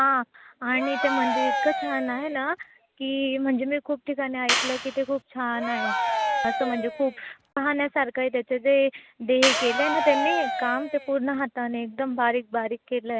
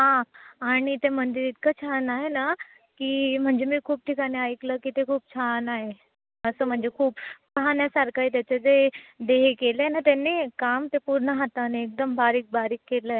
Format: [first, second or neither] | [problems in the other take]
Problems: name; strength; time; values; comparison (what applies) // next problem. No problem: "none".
second | background sound (Cheering + Clapping); 1 dB below the speech